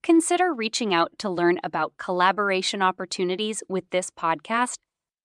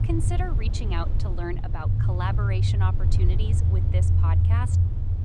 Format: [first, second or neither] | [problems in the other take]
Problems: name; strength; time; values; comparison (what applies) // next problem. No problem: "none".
first | low rumble; loud; throughout; 3 dB below the speech